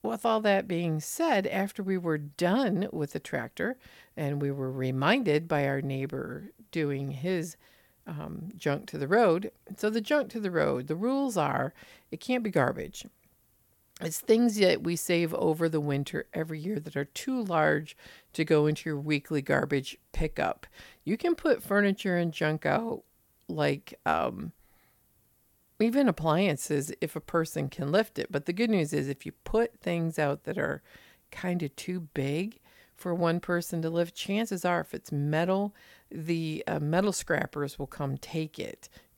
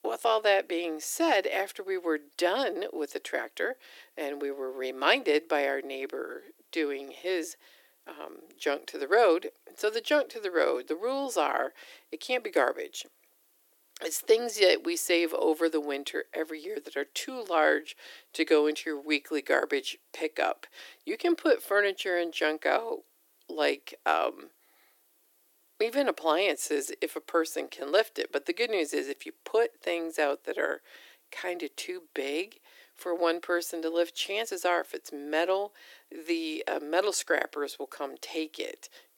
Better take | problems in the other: first | thin; somewhat; fading below 300 Hz

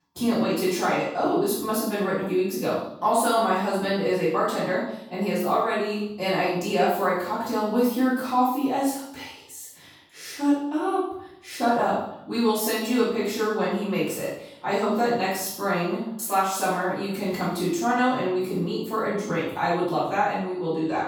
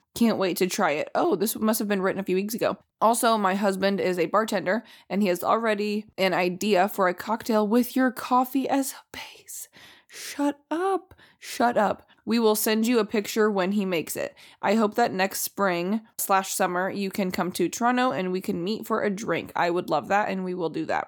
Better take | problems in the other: second | room echo; noticeable; dies away in 0.7 s // off-mic speech; far

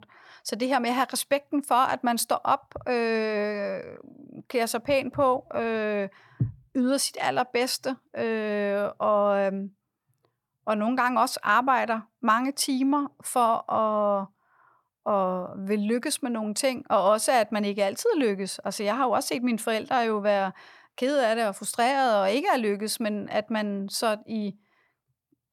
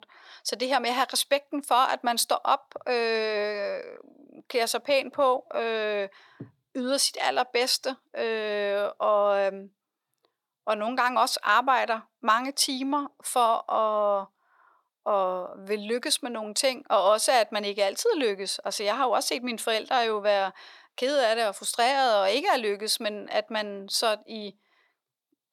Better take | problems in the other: first | thin; very slightly; fading below 400 Hz

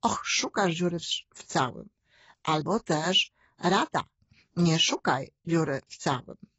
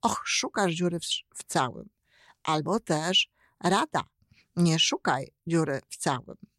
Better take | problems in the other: second | garbled, watery; badly; nothing above 7.5 kHz

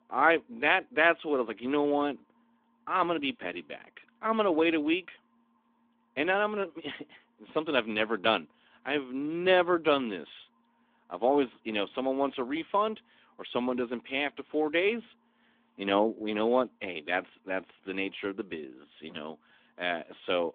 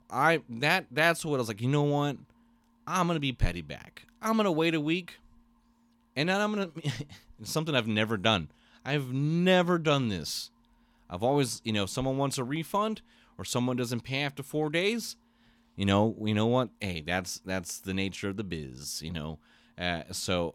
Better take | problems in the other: second | phone-call audio; nothing above 3.5 kHz

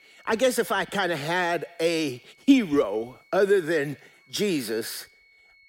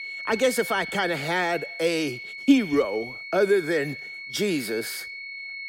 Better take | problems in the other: first | high-pitched whine; loud; throughout; 2 kHz, 9 dB below the speech; faint in the first

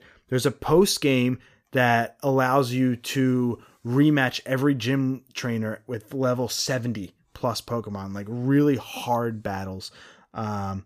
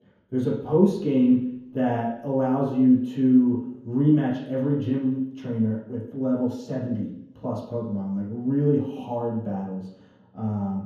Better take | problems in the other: first | room echo; noticeable; dies away in 0.9 s // off-mic speech; far

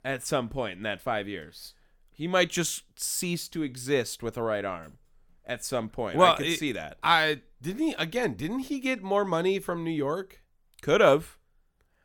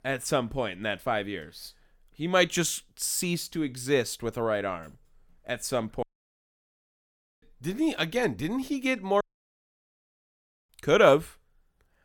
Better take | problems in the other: first | audio cutting out; at 6 s for 1.5 s and at 9 s for 1.5 s

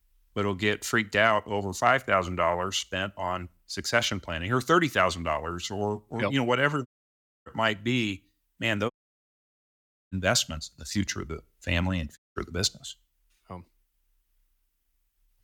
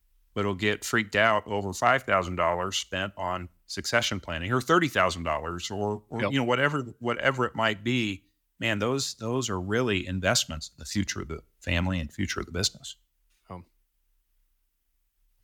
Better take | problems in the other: second | audio cutting out; at 7 s for 0.5 s, at 9 s for 1 s and at 12 s

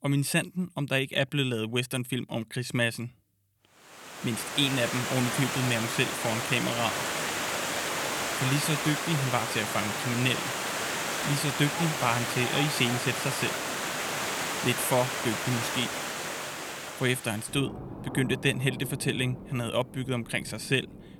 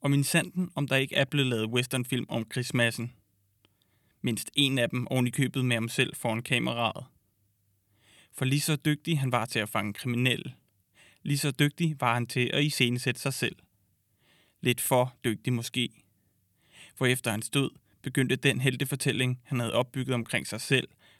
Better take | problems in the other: second | rain or running water; loud; from 4.5 s on; 2 dB below the speech

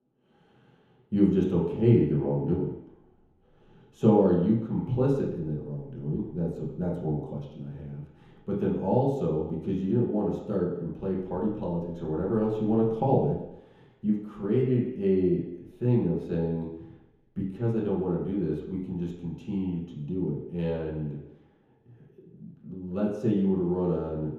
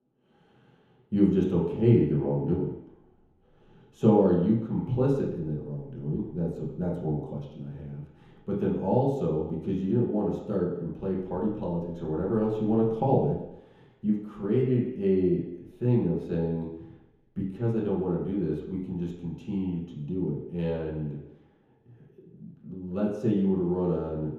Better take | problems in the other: neither | room echo; noticeable; dies away in 1 s; the same in both // off-mic speech; far; the same in both

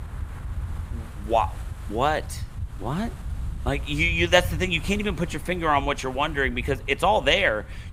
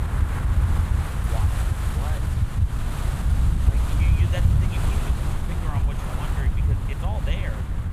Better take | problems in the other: first | wind noise on the microphone; heavy; 4 dB above the speech; occasional gusts in the first

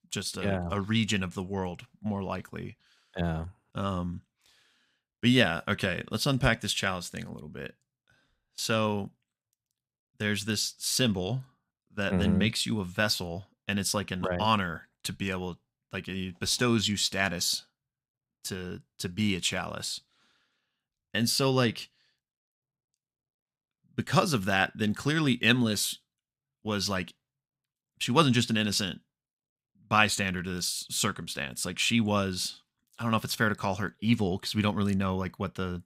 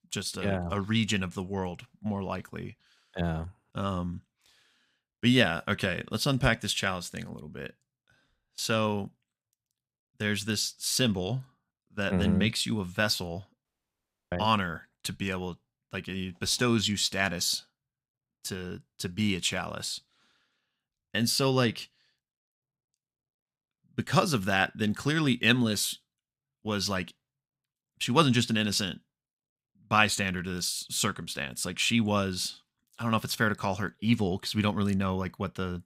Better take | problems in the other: first | audio cutting out; at 14 s for 0.5 s

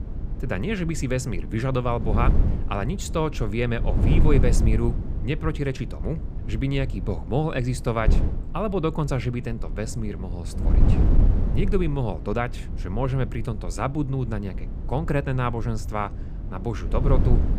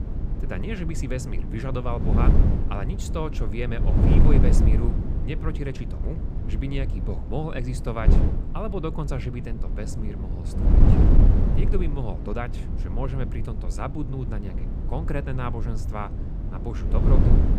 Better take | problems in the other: first | wind noise on the microphone; heavy; 2 dB below the speech; occasional gusts in the first

